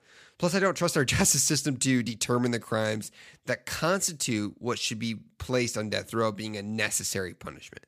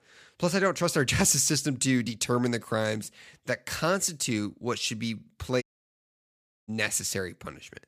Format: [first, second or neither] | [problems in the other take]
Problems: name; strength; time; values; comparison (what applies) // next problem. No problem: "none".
first | audio cutting out; at 5.5 s for 1 s